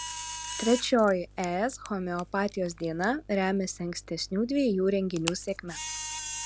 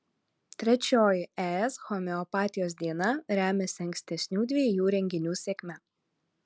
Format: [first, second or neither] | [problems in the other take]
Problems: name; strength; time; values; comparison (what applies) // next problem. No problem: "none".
second | background sound (Camera); 12 dB below the speech